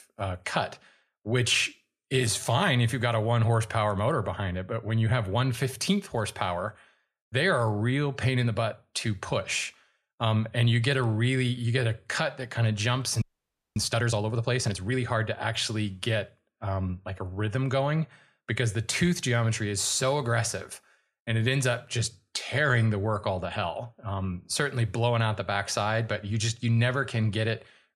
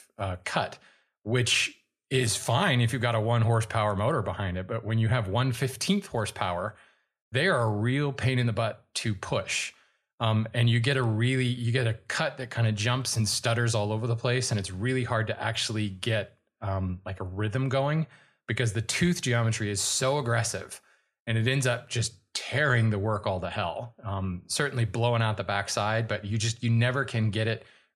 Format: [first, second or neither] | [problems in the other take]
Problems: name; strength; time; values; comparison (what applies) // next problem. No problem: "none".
second | audio freezing; at 13 s for 0.5 s